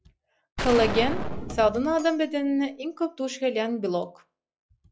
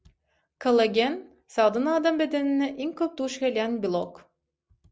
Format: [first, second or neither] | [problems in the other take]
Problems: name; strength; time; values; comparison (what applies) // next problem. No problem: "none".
second | noise reduction (classical method log-MMSE)